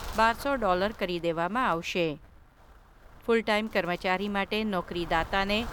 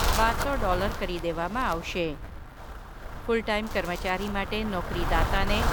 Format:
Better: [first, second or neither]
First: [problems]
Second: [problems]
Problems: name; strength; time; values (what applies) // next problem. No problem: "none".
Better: first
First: wind noise on the microphone; occasional gusts; 20 dB below the speech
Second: wind noise on the microphone; heavy; 6 dB below the speech